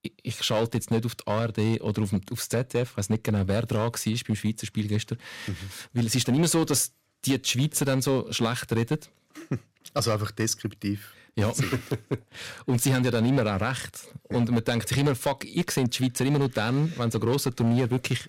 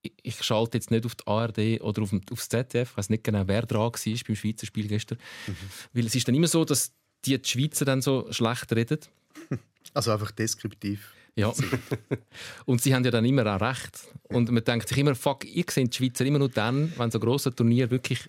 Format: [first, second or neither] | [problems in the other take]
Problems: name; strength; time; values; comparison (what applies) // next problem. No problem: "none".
second | distortion; slight; 5% of the sound clipped